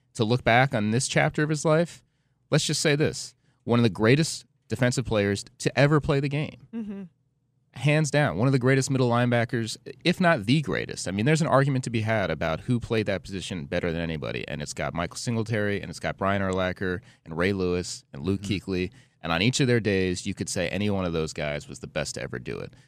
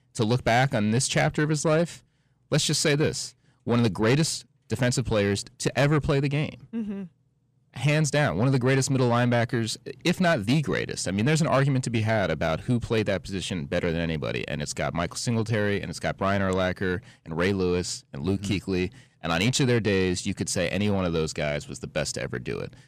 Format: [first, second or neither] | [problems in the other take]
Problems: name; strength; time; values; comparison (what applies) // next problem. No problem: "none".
first | distortion; slight; 10 dB below the speech